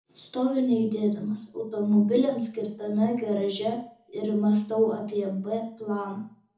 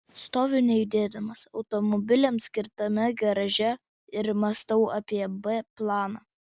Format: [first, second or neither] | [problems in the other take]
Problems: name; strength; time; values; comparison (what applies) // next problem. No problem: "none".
second | room echo; dies away in 0.5 s